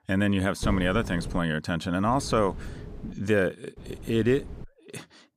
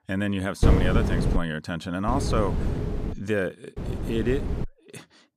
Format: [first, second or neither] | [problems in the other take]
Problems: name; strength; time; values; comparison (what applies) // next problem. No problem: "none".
first | wind noise on the microphone; heavy; at 0.5 s, from 2 to 3 s and at 4 s; 5 dB below the speech; occasional gusts in the first